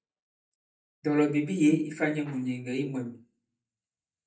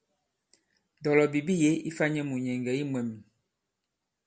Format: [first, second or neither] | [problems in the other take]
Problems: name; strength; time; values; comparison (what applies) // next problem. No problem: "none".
second | noise reduction (neural mask model DeepFilterNet 3)